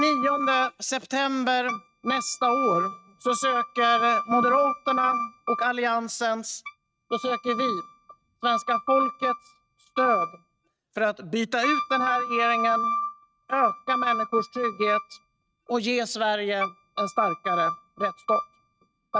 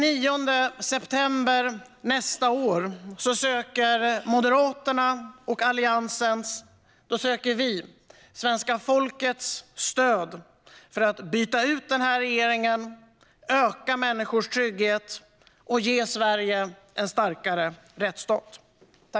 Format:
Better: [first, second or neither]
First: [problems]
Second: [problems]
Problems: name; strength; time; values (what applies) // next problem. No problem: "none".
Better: second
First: noise reduction (neural mask model RNNoise)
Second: none